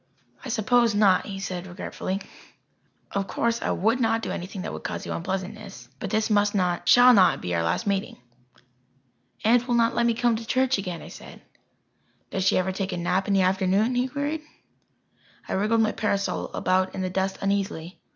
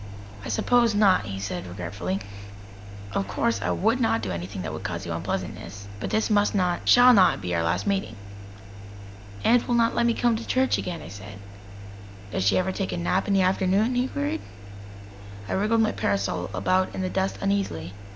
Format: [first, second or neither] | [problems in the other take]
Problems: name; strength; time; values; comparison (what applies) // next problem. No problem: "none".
first | background sound (Engine); 12 dB below the speech